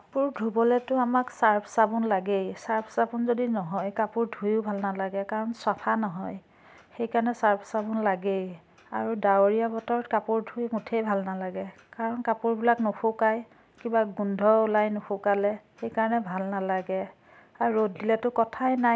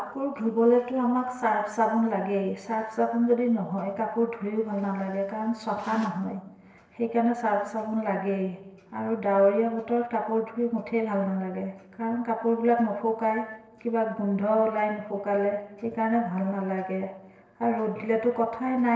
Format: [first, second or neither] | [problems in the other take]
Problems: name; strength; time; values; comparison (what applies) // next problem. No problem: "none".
first | noise reduction (neural separator model SepFormer DNS4)